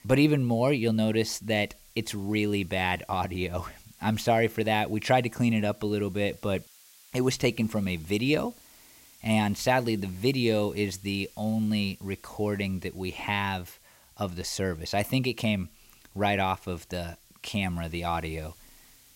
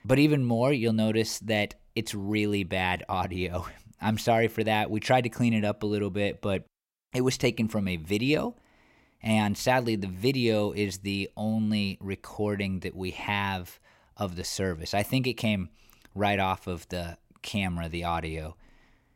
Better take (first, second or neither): second